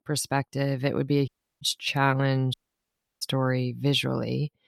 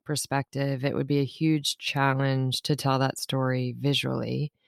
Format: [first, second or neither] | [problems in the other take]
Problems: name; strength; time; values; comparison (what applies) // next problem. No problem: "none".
second | audio cutting out; at 1.5 s and at 2.5 s for 0.5 s